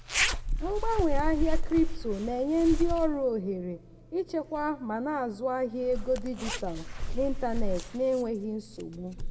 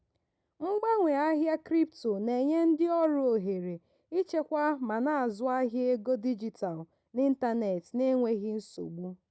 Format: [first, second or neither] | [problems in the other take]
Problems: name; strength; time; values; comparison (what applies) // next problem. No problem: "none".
second | background sound (Zipper (clothing)); 1 dB below the speech // room echo; dies away in 1.1 s